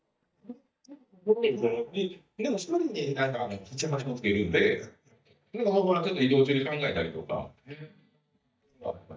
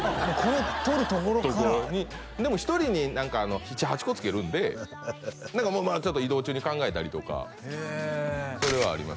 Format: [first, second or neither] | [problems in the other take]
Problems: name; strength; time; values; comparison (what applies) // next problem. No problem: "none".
second | noise reduction (neural mask model DeepFilterNet 3)